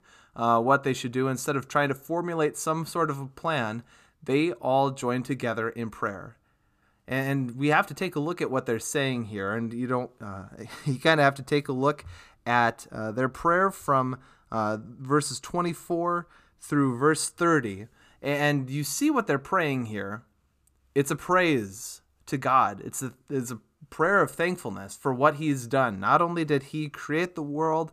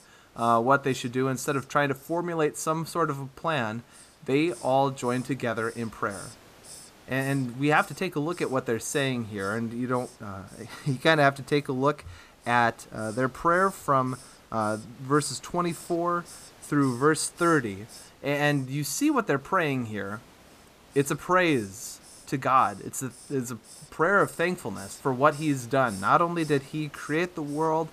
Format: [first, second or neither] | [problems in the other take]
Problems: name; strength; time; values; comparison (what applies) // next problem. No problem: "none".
first | hiss; faint; throughout; 20 dB below the speech